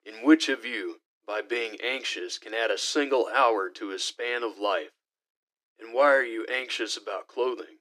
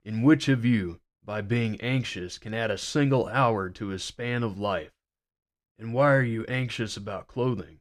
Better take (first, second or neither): second